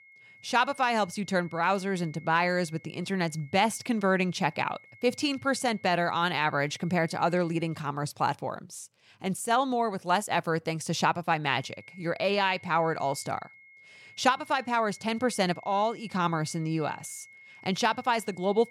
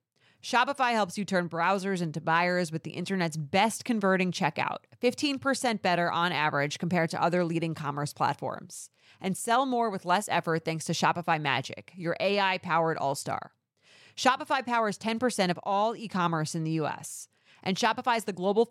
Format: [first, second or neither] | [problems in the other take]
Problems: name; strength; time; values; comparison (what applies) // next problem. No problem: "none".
second | high-pitched whine; faint; until 8 s and from 11 s on; 2 kHz, 25 dB below the speech